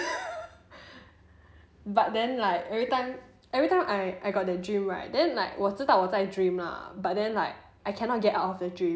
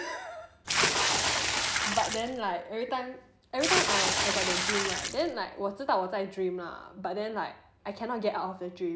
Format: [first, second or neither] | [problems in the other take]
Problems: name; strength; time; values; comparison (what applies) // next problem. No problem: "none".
first | background sound (Water / Splash, splatter); 5 dB above the speech